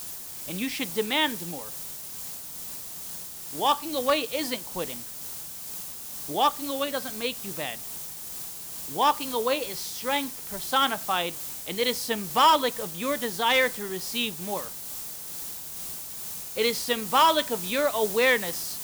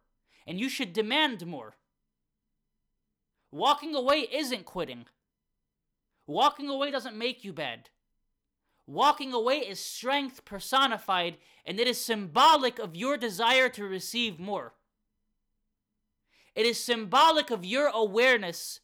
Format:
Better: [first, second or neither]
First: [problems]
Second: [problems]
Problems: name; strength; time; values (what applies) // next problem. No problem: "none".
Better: second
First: hiss; loud; throughout; 8 dB below the speech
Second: none